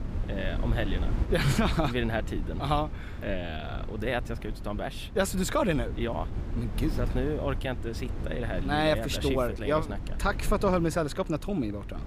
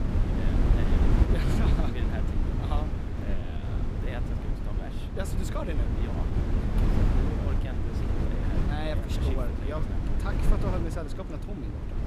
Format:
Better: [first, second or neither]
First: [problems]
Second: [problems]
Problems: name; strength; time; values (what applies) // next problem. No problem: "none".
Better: first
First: wind noise on the microphone; occasional gusts; 15 dB below the speech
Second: wind noise on the microphone; heavy; 2 dB above the speech